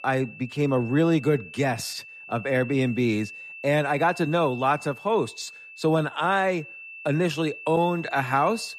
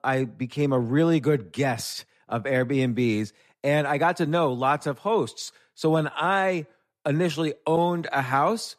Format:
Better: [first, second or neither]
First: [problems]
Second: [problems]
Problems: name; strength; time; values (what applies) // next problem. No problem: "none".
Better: second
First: high-pitched whine; noticeable; throughout; 2.5 kHz, 15 dB below the speech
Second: none